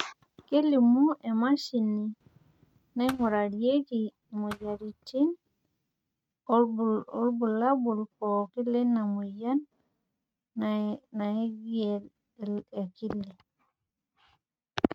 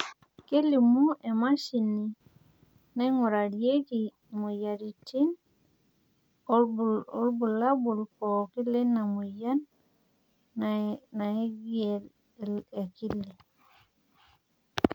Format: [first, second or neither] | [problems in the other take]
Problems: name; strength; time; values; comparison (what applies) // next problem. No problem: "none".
second | noise reduction (neural mask model RNNoise)